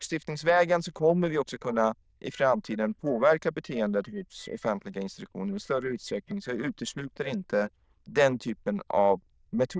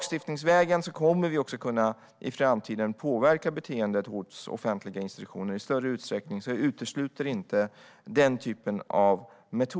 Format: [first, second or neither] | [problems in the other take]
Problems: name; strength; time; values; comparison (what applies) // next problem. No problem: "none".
second | noise reduction (neural diffusion model UNIVERSE++)